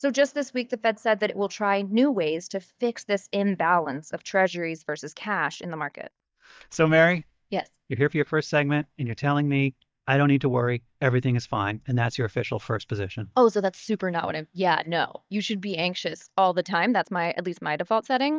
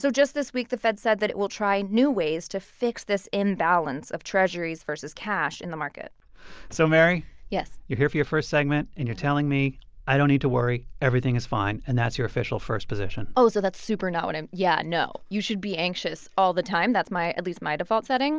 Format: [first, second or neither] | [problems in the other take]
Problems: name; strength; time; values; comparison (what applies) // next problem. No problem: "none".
second | noise reduction (neural mask model DeepFilterNet 3)